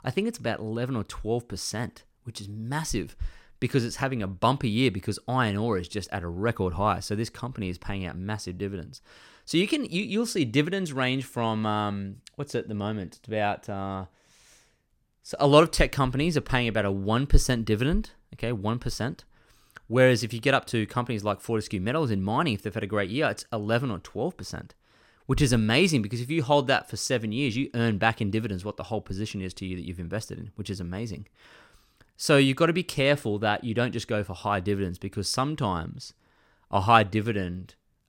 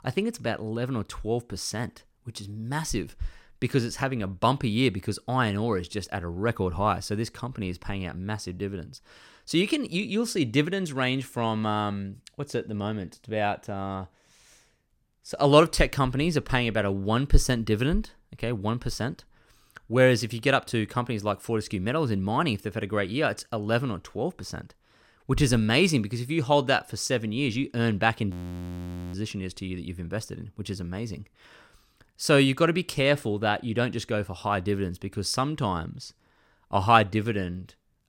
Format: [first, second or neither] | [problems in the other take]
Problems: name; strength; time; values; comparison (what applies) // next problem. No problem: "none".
first | audio freezing; at 28 s for 1 s